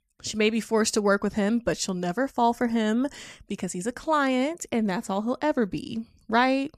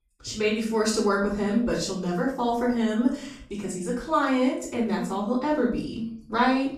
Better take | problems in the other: first | off-mic speech; far // room echo; noticeable; dies away in 0.4 s

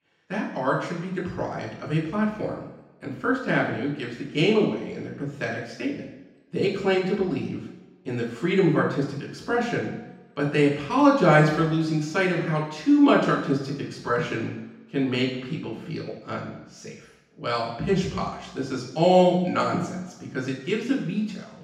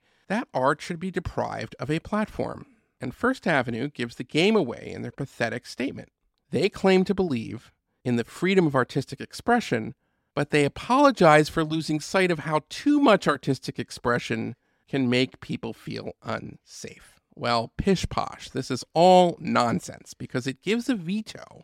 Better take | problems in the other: second | room echo; noticeable; dies away in 0.9 s // off-mic speech; far

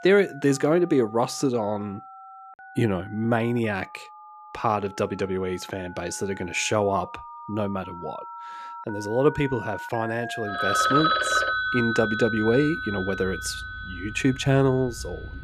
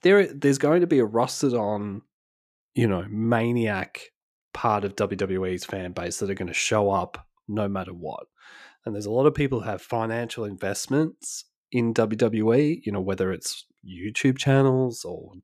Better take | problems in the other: second | alarms or sirens; loud; throughout; 3 dB below the speech

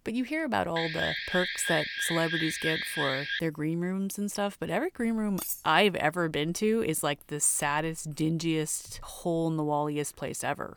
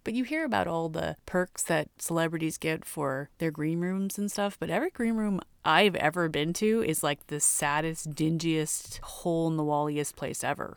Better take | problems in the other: second | alarm; noticeable; from 1 to 3.5 s; peak 1 dB below the speech // clattering dishes; noticeable; at 5.5 s; peak 5 dB below the speech

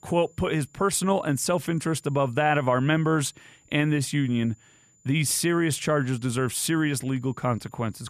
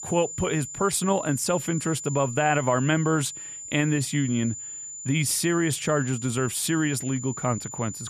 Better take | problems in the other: first | high-pitched whine; loud; throughout; 7 kHz, 9 dB below the speech; faint in the first

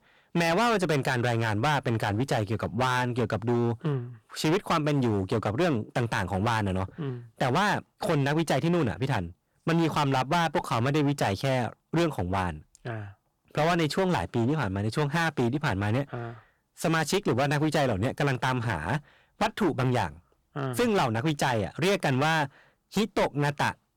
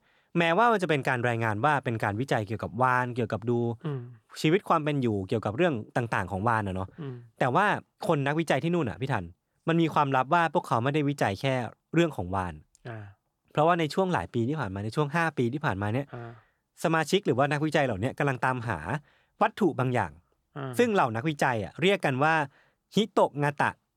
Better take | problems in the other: second | distortion; heavy; 18% of the sound clipped

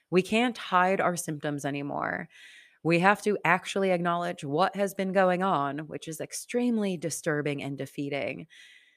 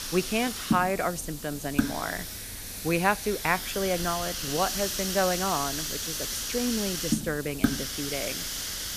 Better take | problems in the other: first | hiss; loud; throughout; 1 dB below the speech

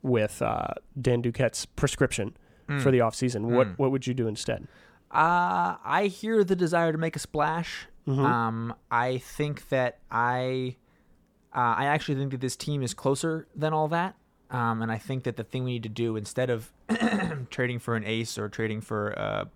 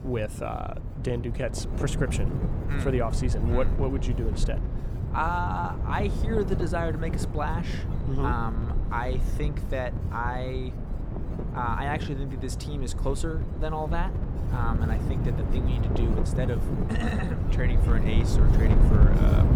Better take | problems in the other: first | wind noise on the microphone; heavy; 6 dB below the speech

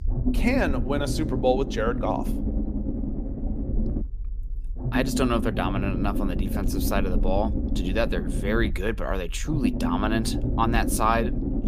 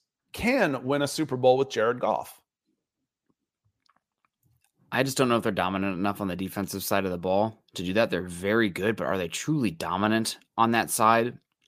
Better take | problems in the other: second | low rumble; loud; throughout; 8 dB below the speech

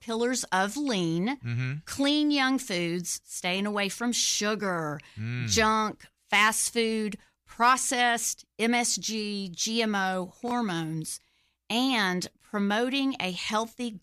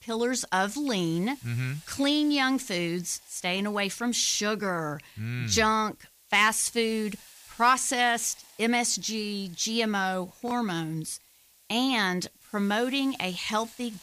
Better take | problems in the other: first | hiss; faint; throughout; 25 dB below the speech

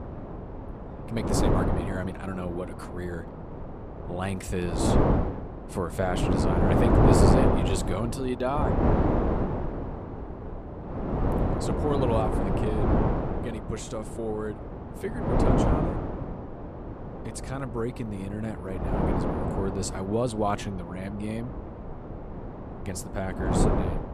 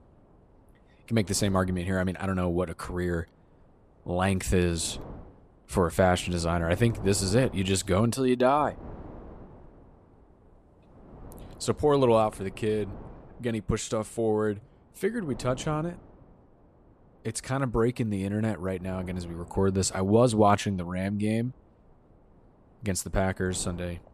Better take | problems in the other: second | wind noise on the microphone; heavy; 4 dB above the speech; occasional gusts in the second

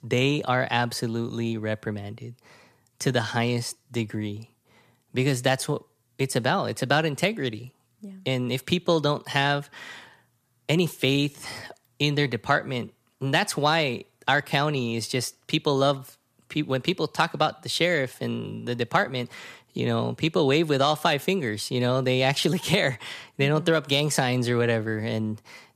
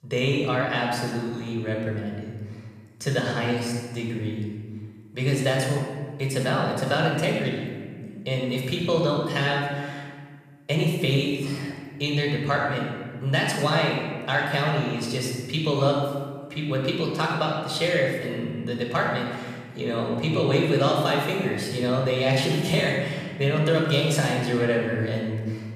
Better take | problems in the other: first | off-mic speech; somewhat distant // room echo; noticeable; dies away in 1.4 s

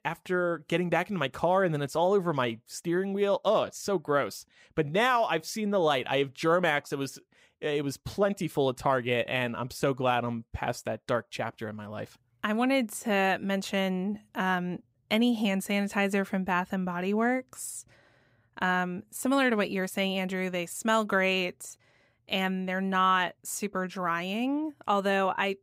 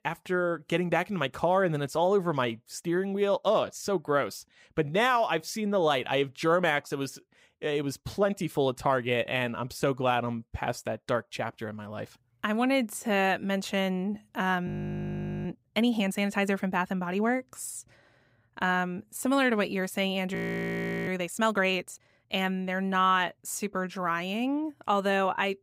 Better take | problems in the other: first | audio freezing; at 15 s for 1 s and at 20 s for 0.5 s

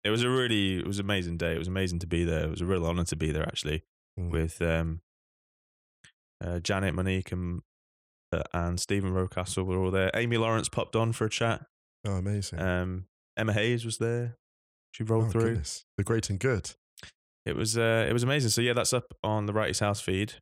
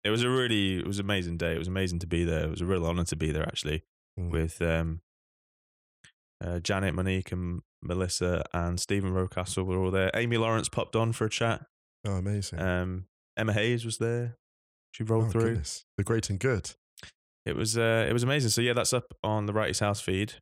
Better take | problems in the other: second | audio cutting out; at 7.5 s for 0.5 s

